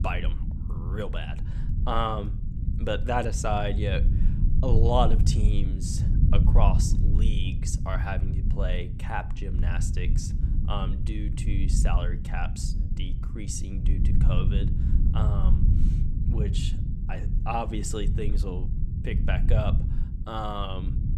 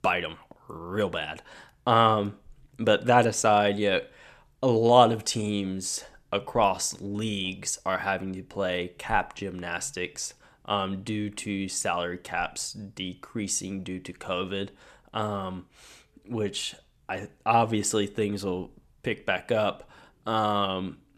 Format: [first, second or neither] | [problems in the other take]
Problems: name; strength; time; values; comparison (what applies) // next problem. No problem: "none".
second | low rumble; loud; throughout; 9 dB below the speech